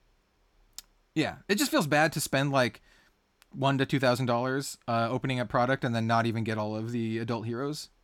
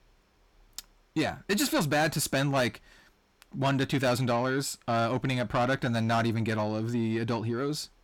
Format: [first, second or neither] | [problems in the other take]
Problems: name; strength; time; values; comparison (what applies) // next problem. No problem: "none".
first | distortion; slight; 10 dB below the speech